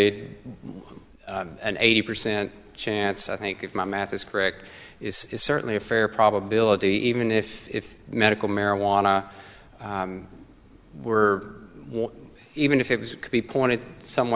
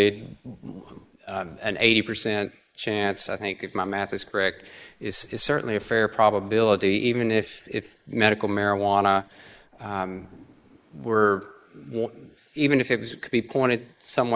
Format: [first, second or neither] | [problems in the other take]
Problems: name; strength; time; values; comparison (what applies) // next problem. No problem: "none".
first | noise reduction (neural mask model Resemble Enhance denoiser)